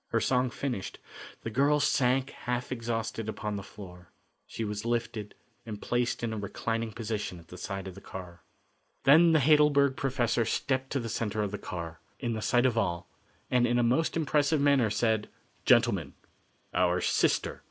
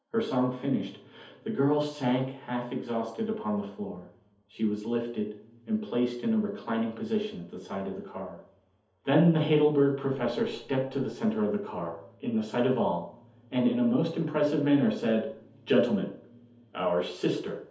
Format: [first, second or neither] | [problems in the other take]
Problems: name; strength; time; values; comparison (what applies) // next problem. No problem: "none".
first | room echo; dies away in 0.6 s